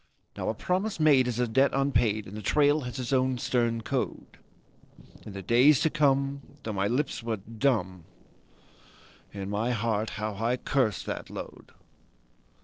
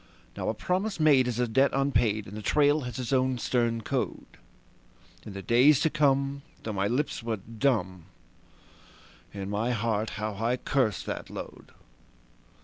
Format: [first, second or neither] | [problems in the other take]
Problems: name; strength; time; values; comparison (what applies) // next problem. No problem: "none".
second | noise reduction (neural separator model SepFormer DNS4)